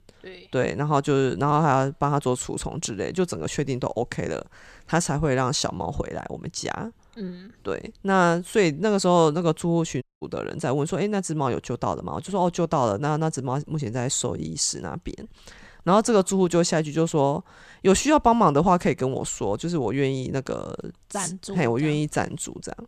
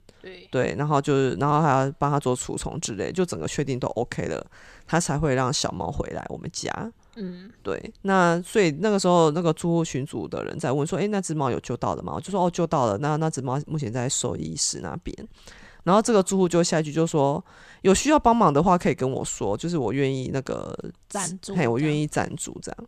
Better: second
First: audio cutting out; at 10 s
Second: none

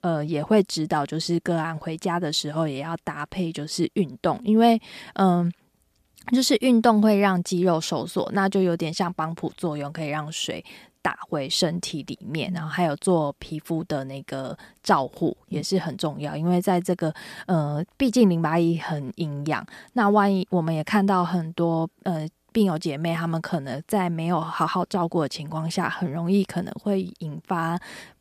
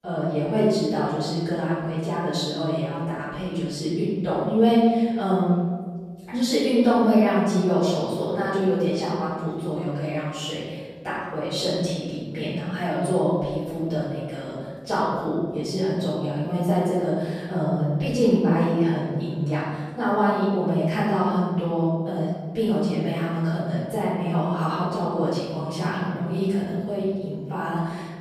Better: first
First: none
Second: off-mic speech; far // room echo; strong; dies away in 1.6 s

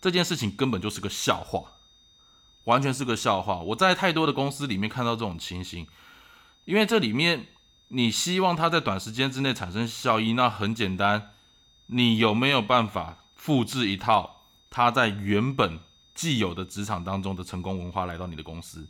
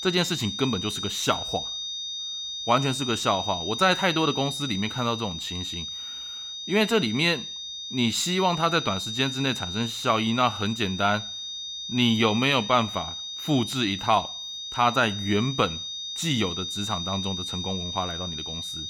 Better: first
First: high-pitched whine; faint; throughout; 3.5 kHz, 30 dB below the speech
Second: high-pitched whine; loud; throughout; 3.5 kHz, 6 dB below the speech

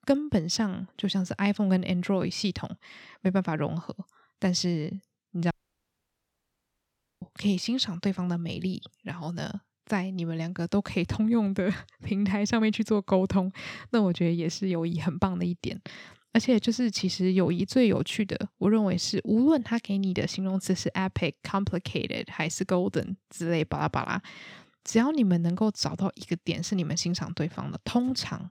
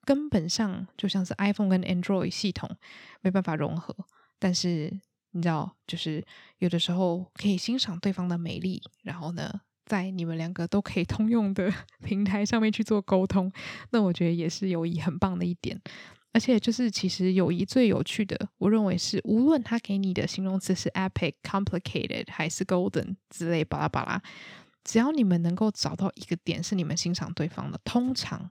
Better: second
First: audio cutting out; at 5.5 s for 1.5 s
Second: none

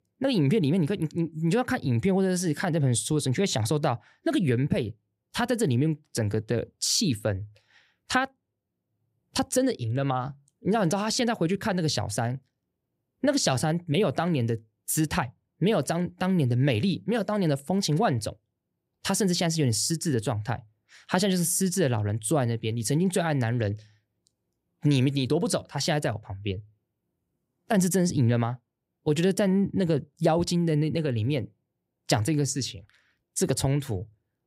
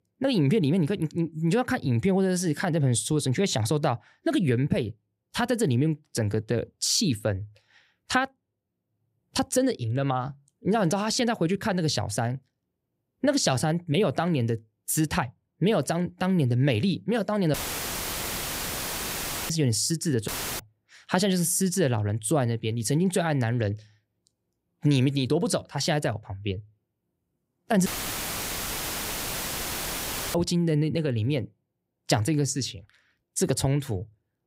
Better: first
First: none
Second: audio cutting out; filled with static; at 18 s for 2 s, at 20 s and at 28 s for 2.5 s

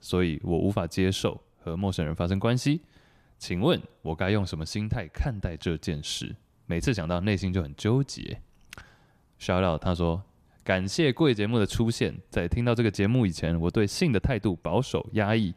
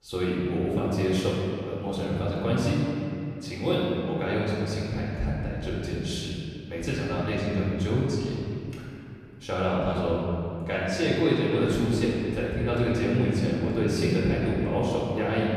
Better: first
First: none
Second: off-mic speech; far // room echo; strong; dies away in 2.4 s

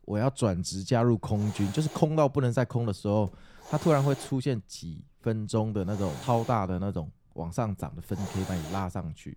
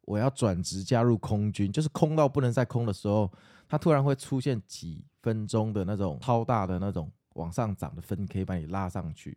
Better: second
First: hiss; noticeable; throughout; 15 dB below the speech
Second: none

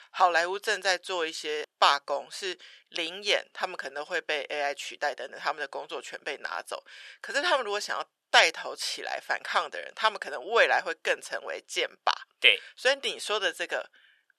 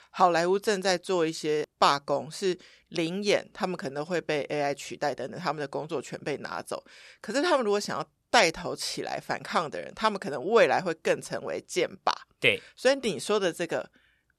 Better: second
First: thin; very; fading below 650 Hz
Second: none

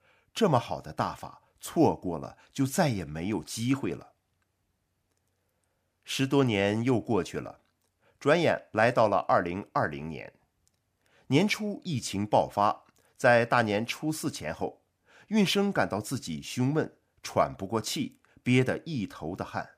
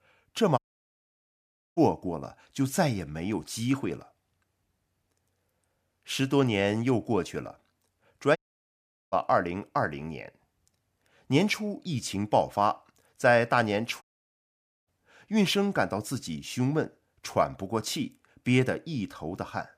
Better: first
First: none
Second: audio cutting out; at 0.5 s for 1 s, at 8.5 s for 1 s and at 14 s for 1 s

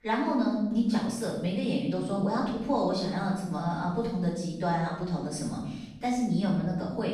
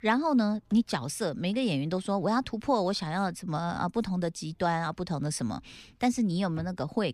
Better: second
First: off-mic speech; far // room echo; noticeable; dies away in 0.9 s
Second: none

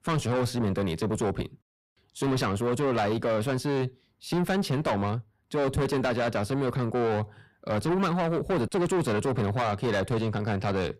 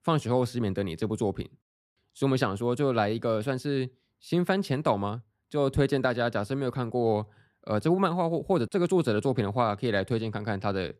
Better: second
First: distortion; heavy; 6 dB below the speech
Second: none

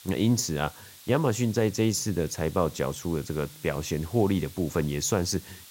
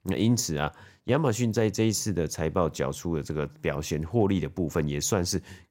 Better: second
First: hiss; noticeable; throughout; 20 dB below the speech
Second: none

